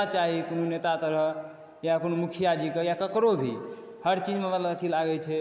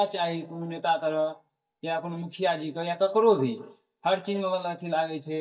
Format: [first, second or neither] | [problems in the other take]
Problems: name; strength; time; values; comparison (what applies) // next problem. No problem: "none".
first | noise reduction (neural mask model DeepFilterNet 3)